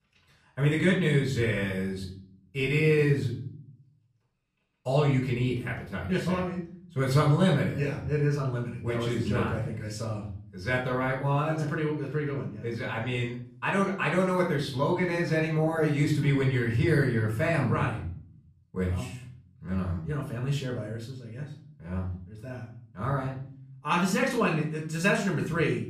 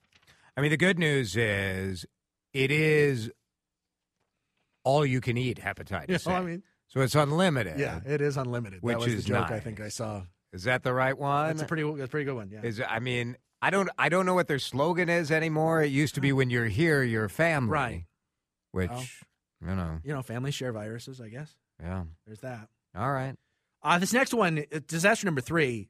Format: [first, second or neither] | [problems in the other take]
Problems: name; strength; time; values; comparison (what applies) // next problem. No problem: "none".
second | off-mic speech; far // room echo; slight; dies away in 0.6 s